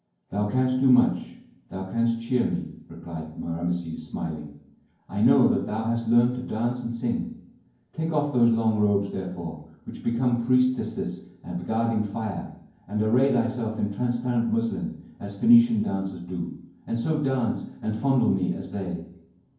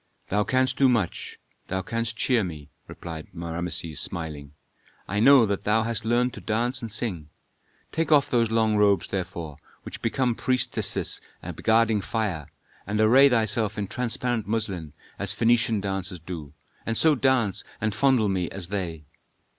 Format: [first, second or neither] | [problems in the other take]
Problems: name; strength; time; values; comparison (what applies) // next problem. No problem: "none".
second | room echo; dies away in 0.9 s